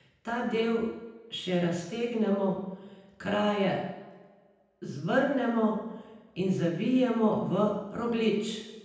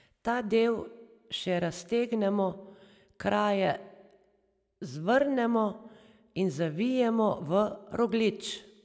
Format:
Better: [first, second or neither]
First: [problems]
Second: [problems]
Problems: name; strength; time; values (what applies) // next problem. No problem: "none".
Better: second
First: room echo; dies away in 0.9 s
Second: none